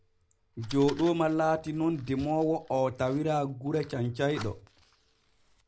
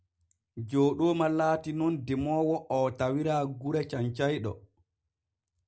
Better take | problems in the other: second | background sound (Fire); 20 dB below the speech

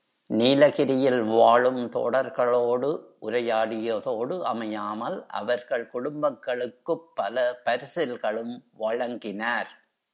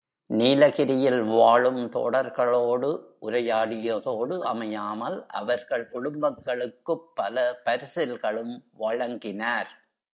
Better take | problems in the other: first | noise reduction (neural mask model Resemble Enhance denoiser)

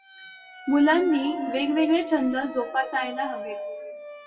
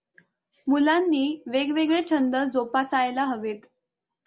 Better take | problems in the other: second | noise reduction (classical method WPE with log-MMSE)

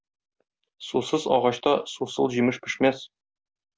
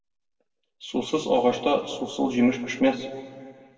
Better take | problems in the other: first | room echo; dies away in 1.4 s

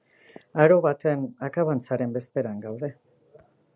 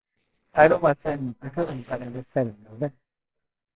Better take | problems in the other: first | noise reduction (neural separator model SepFormer WHAMR!)

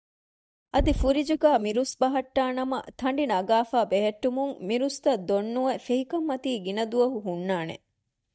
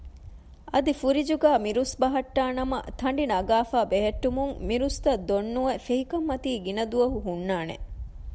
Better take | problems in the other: second | noise reduction (neural mask model DeepFilterNet 3)

